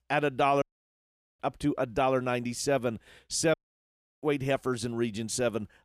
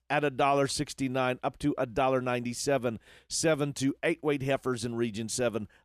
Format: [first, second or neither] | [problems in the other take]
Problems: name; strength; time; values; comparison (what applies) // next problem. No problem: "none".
second | audio cutting out; at 0.5 s for 1 s and at 3.5 s for 0.5 s